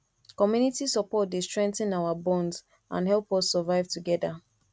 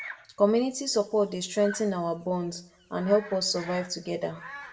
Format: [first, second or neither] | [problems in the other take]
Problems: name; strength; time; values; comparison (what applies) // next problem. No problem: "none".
first | background sound (Bird vocalization, bird call, bird song); 18 dB below the speech // room echo; dies away in 0.4 s